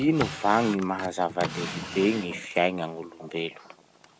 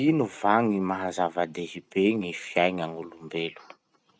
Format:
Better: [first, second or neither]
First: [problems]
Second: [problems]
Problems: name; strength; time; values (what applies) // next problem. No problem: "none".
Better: second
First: background sound (Drawer open or close); 11 dB below the speech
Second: none